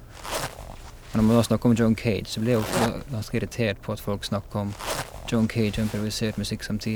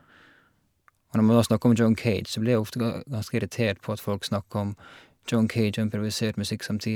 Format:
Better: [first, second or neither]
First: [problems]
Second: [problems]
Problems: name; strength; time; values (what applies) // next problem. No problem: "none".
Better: second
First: background sound (Zipper (clothing)); 10 dB below the speech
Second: none